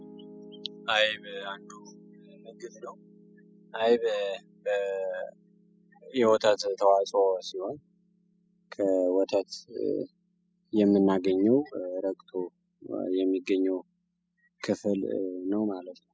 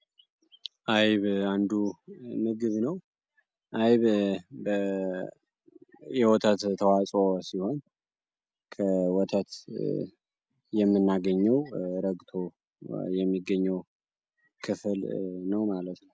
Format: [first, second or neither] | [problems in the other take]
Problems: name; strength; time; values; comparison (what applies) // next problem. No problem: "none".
second | noise reduction (classical method spectral subtraction)